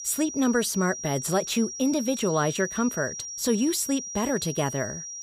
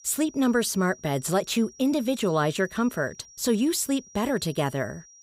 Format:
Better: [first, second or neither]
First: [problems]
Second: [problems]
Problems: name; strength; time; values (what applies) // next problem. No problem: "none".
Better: second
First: high-pitched whine; loud; throughout; 5.5 kHz, 8 dB below the speech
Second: high-pitched whine; faint; throughout; 5.5 kHz, 25 dB below the speech